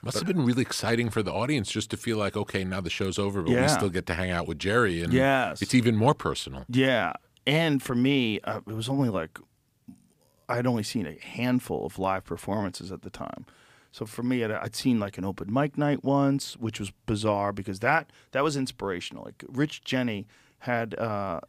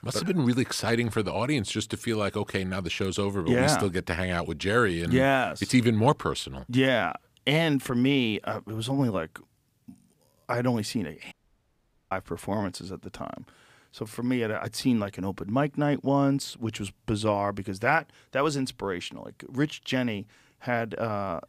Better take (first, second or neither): first